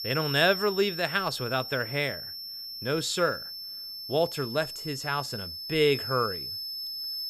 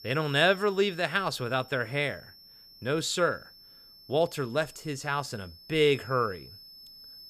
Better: second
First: high-pitched whine; loud; throughout; 5.5 kHz, 7 dB below the speech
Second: high-pitched whine; faint; throughout; 5.5 kHz, 20 dB below the speech

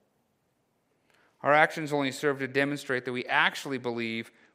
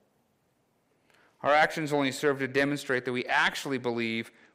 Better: first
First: none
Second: distortion; slight; 10 dB below the speech

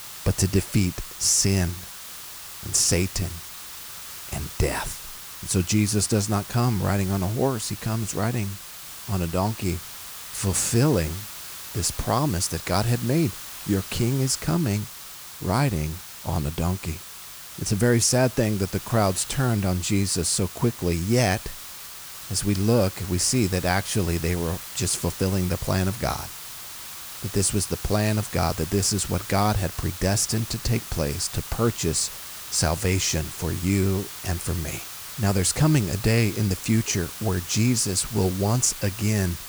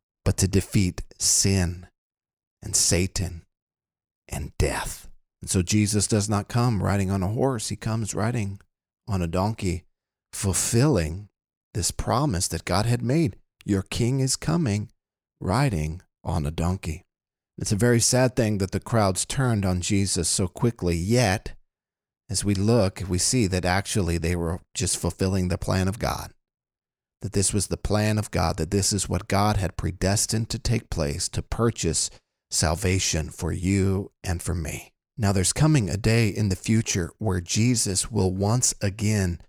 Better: second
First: hiss; noticeable; throughout; 10 dB below the speech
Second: none

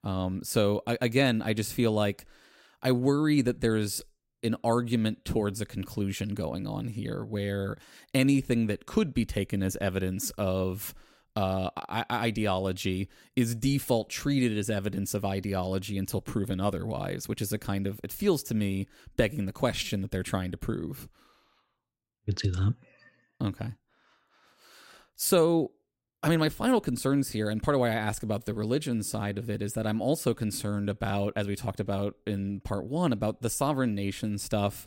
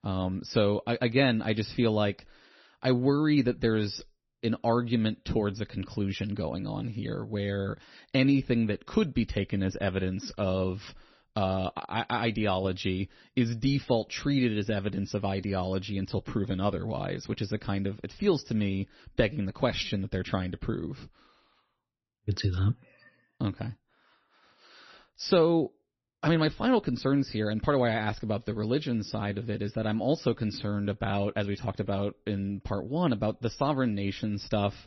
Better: first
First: none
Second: garbled, watery; slightly; nothing above 6 kHz

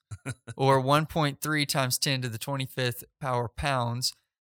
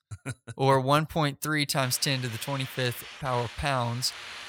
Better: first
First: none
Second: hiss; noticeable; from 2 s on; 15 dB below the speech

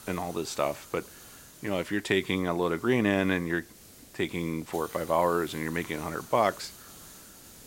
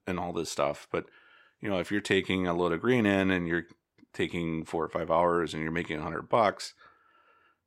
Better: second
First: hiss; noticeable; throughout; 20 dB below the speech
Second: none

